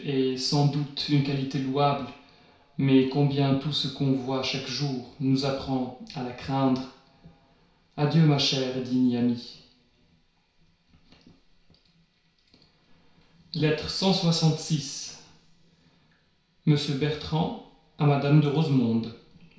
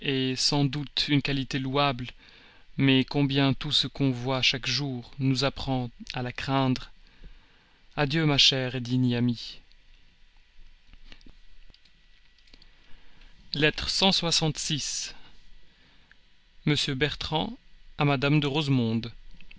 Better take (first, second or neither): second